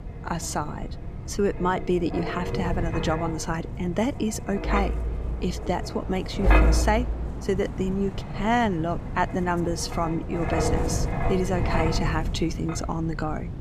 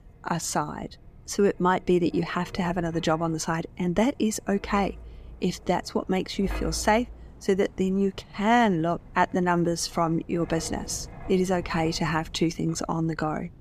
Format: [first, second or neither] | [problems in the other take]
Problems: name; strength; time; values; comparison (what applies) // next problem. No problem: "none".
second | wind noise on the microphone; heavy; 4 dB below the speech; occasional gusts in the second